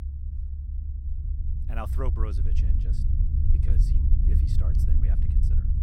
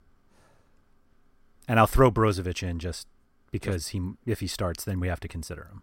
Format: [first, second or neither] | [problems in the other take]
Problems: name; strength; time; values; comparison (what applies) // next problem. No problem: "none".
second | low rumble; loud; throughout; 1 dB below the speech